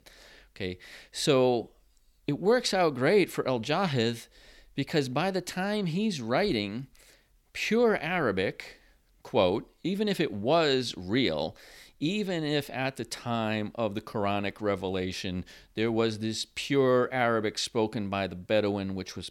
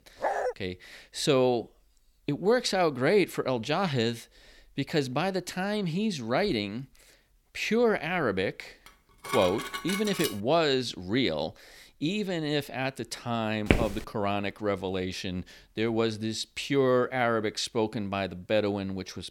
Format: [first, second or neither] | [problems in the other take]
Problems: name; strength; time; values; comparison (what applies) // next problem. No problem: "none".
first | dog barking; noticeable; at the start; peak 1 dB below the speech // clattering dishes; noticeable; from 9 to 10 s; peak 4 dB below the speech // footsteps; loud; at 14 s; peak 1 dB above the speech